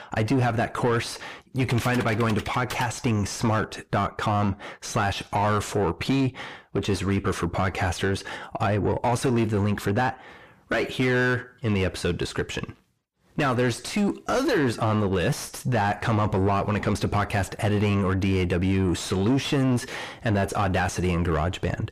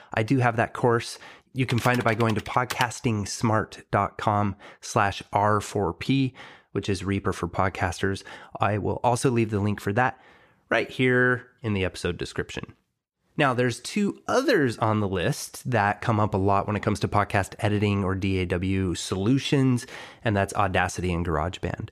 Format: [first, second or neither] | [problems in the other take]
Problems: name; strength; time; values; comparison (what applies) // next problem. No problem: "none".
second | distortion; heavy; 6 dB below the speech